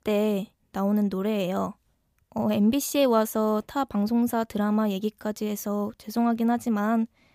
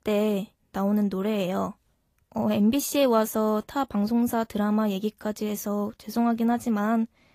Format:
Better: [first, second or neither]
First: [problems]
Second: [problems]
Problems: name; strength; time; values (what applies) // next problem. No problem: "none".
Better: first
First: none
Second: garbled, watery; slightly; nothing above 15 kHz